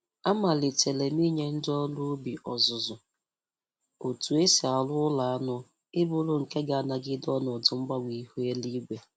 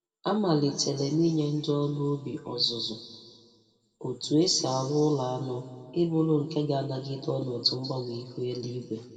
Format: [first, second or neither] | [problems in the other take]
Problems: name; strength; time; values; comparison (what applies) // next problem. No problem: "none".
first | room echo; dies away in 2 s